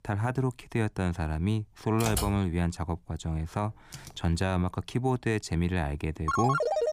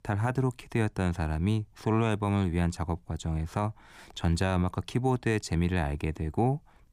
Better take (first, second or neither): second